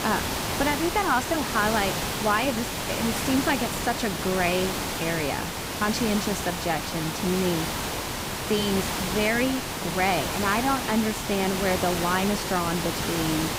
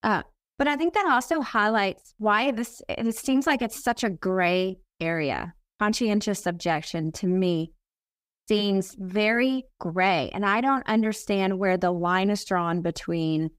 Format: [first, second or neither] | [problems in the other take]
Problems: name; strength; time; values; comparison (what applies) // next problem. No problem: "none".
second | hiss; loud; throughout; 2 dB below the speech